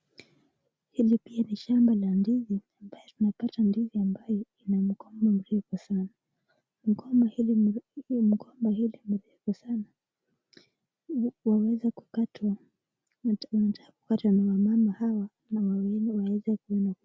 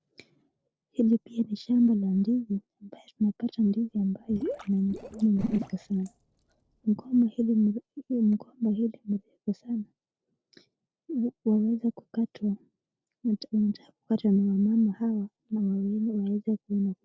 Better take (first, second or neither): first